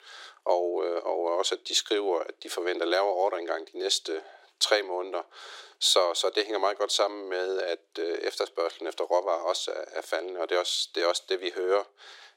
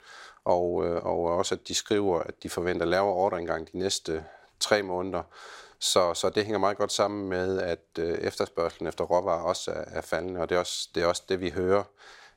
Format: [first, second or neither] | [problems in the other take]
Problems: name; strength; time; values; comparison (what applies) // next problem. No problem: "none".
second | thin; very; fading below 350 Hz